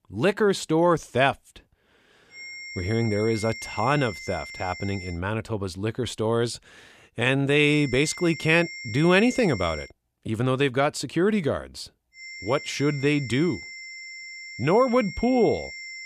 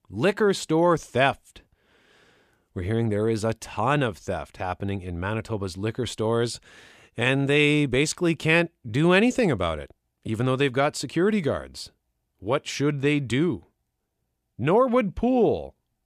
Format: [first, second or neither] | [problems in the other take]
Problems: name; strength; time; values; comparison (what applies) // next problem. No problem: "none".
second | high-pitched whine; noticeable; from 2.5 to 5 s, from 7.5 to 10 s and from 12 s on; 2 kHz, 15 dB below the speech